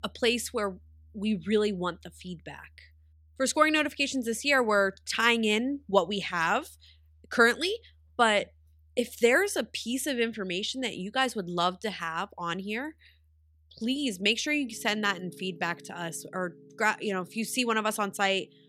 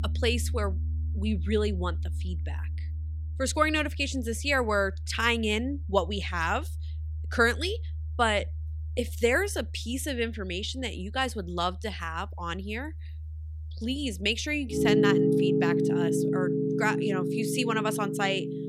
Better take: first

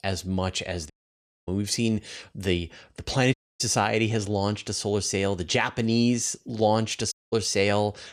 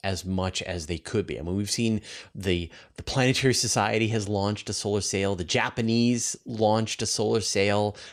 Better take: second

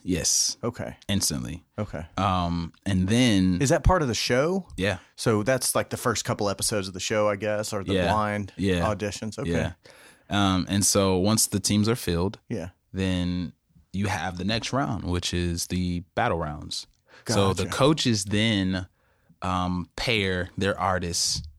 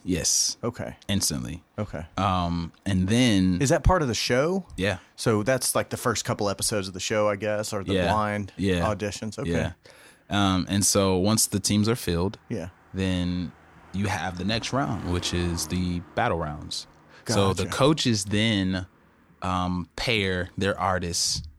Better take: first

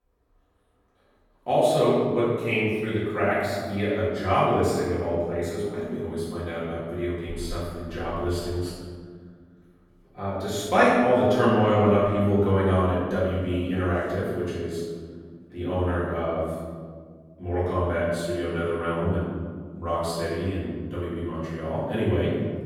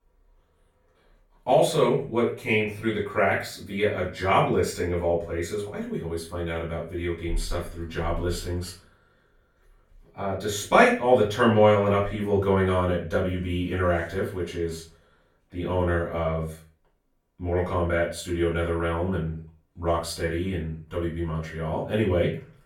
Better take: second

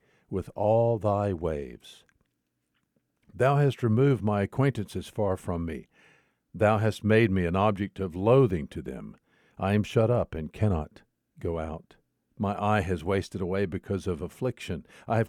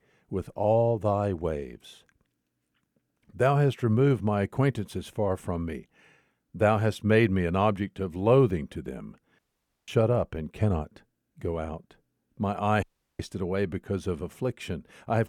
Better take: first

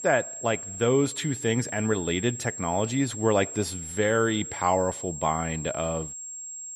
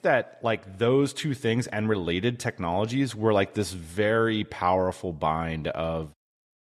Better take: second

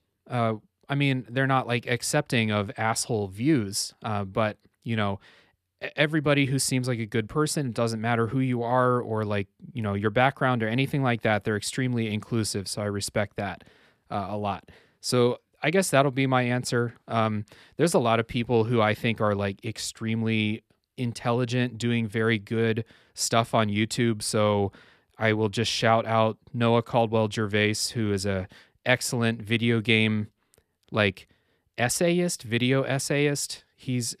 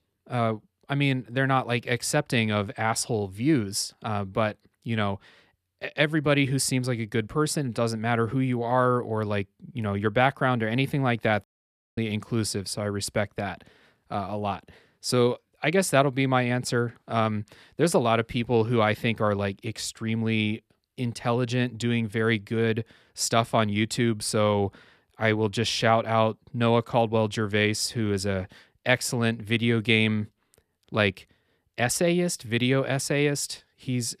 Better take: first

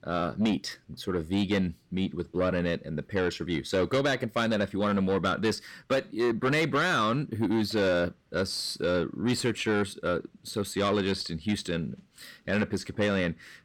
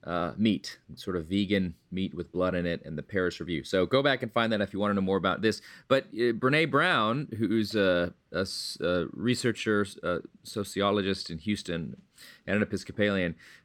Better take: second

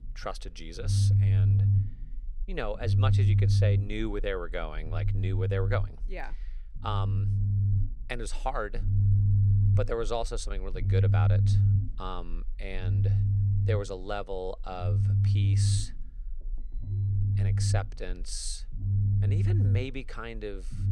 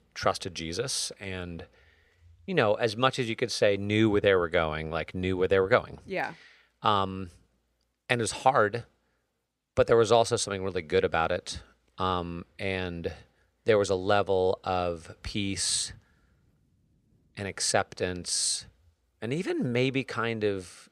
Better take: second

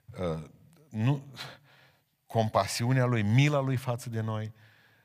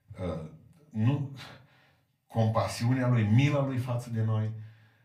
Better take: first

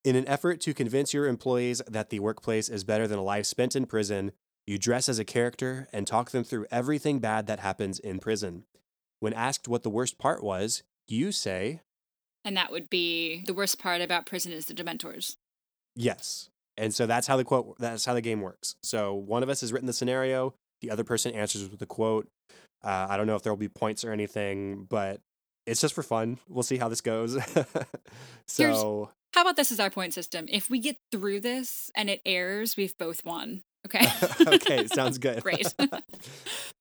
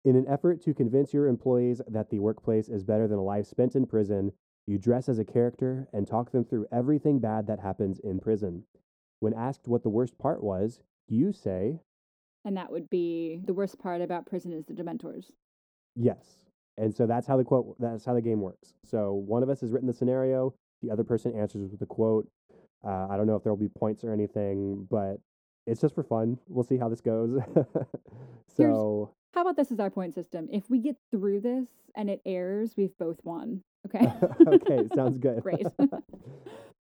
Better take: first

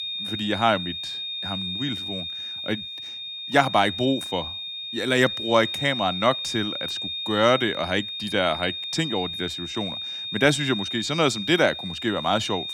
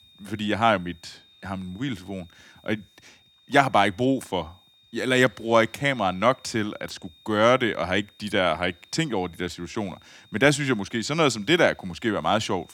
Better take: second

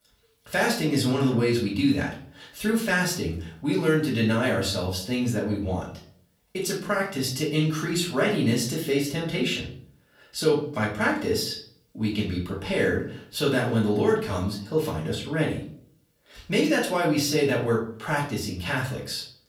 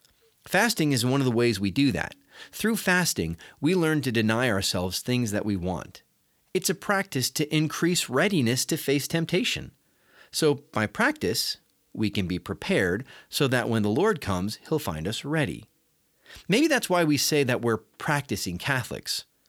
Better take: second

